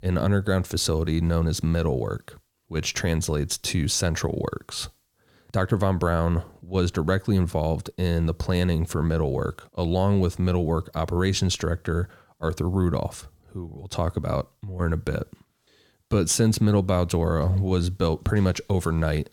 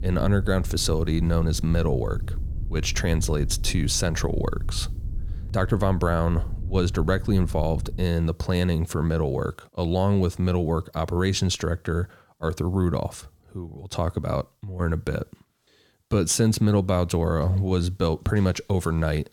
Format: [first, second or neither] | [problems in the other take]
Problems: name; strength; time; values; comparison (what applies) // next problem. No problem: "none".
first | wind noise on the microphone; occasional gusts; until 8 s; 20 dB below the speech